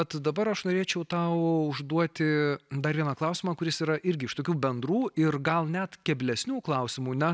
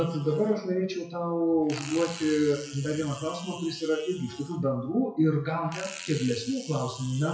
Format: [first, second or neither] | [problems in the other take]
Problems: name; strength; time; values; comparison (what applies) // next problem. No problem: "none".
first | noise reduction (classical method WPE with log-MMSE)